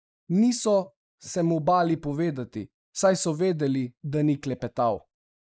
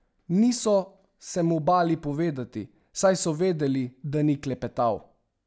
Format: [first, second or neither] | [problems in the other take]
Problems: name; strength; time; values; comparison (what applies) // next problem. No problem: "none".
second | noise reduction (neural mask model Resemble Enhance denoiser)